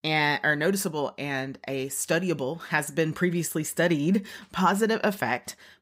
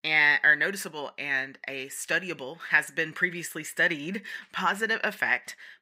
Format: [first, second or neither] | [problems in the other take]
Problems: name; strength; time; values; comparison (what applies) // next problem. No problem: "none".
first | thin; somewhat; fading below 300 Hz